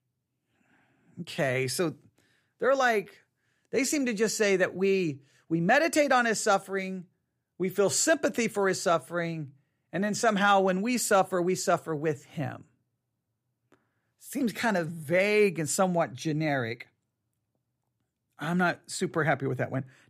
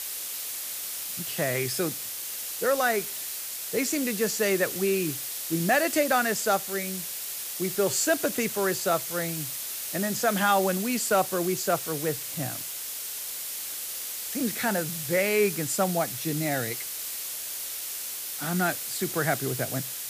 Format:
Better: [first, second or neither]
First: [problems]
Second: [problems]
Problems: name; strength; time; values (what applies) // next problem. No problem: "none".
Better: first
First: none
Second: hiss; loud; throughout; 4 dB below the speech